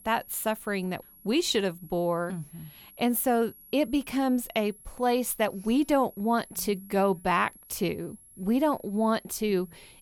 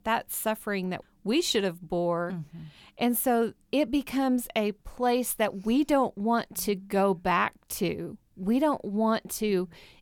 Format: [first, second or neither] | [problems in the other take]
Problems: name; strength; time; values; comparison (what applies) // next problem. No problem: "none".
second | high-pitched whine; faint; throughout; 11 kHz, 20 dB below the speech